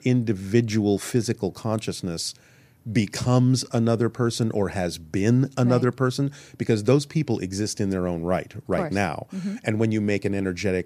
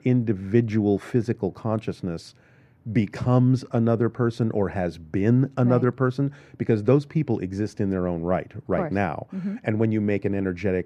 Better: first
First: none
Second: muffled; very; fading above 3.5 kHz

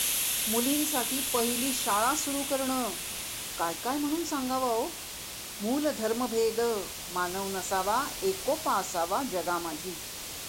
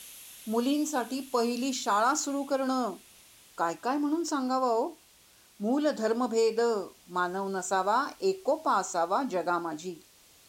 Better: second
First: hiss; loud; throughout; 2 dB below the speech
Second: hiss; faint; throughout; 25 dB below the speech

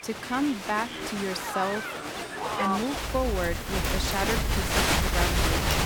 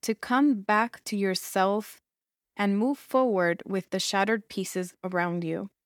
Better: second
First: crowd noise; very loud; throughout; 3 dB above the speech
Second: none

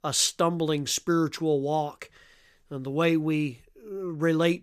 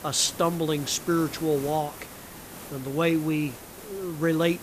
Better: first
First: none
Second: hiss; noticeable; throughout; 15 dB below the speech

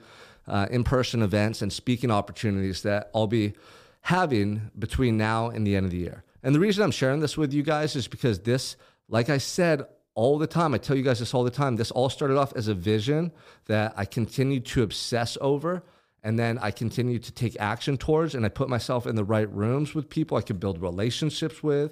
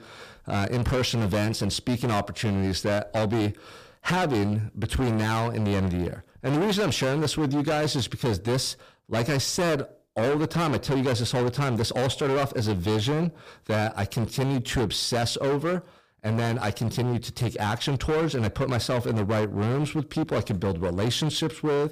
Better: first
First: none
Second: distortion; heavy; 23% of the sound clipped

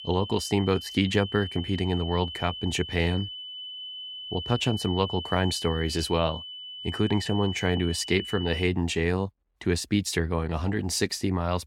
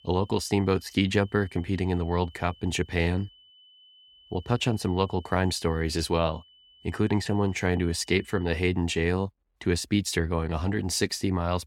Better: second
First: high-pitched whine; loud; until 8.5 s; 3 kHz, 9 dB below the speech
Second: high-pitched whine; faint; until 8.5 s; 3 kHz, 25 dB below the speech

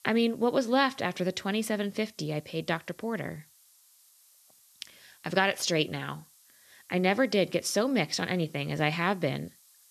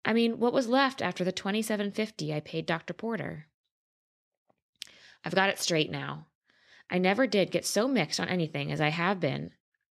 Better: second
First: hiss; faint; throughout; 30 dB below the speech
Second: none

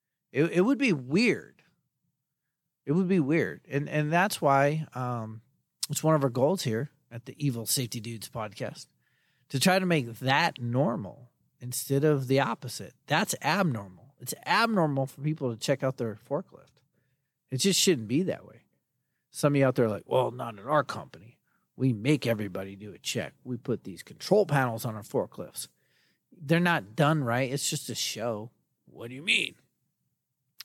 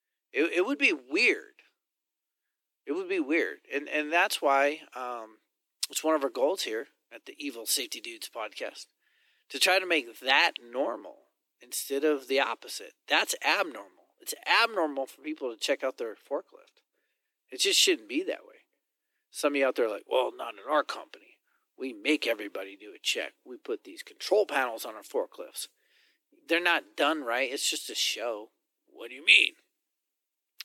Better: first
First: none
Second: thin; somewhat; fading below 300 Hz

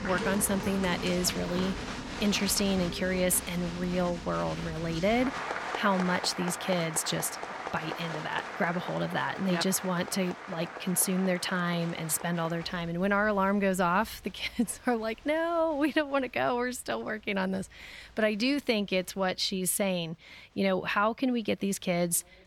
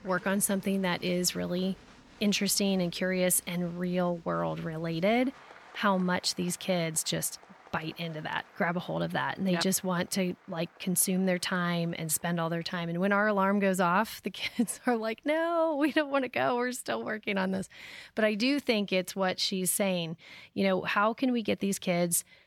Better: second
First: crowd noise; loud; throughout; 8 dB below the speech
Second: crowd noise; faint; throughout; 25 dB below the speech

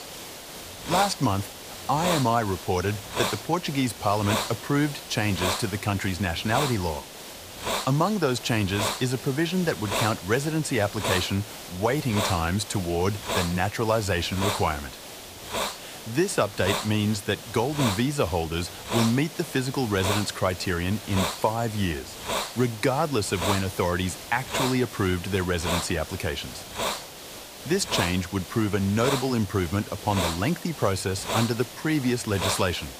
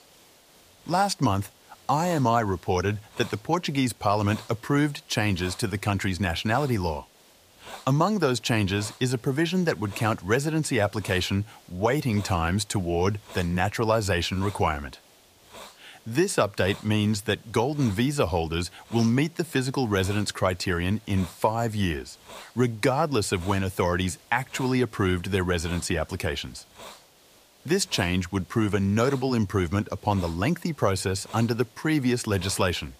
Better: second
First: hiss; loud; throughout; 6 dB below the speech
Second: hiss; faint; throughout; 20 dB below the speech

